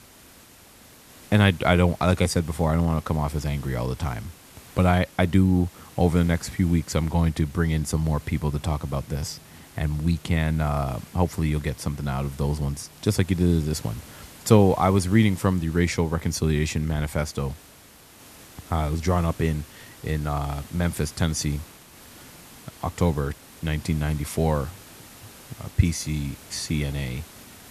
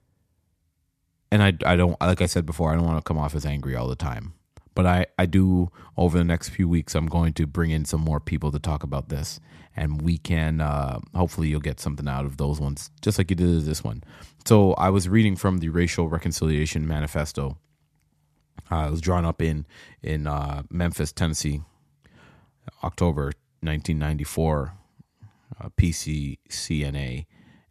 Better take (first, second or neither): second